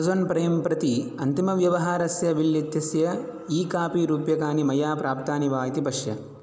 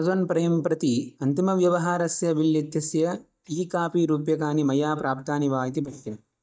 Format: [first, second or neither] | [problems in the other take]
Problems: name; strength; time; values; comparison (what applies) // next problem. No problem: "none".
first | noise reduction (neural mask model DeepFilterNet 3)